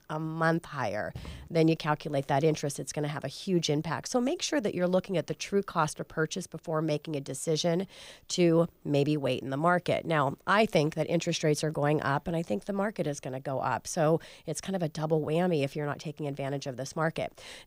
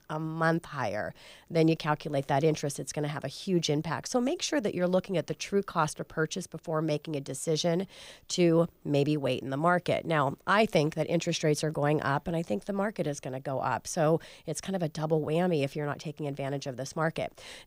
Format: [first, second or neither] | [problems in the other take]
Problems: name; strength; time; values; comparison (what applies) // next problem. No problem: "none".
second | footsteps; faint; at 1 s; peak 15 dB below the speech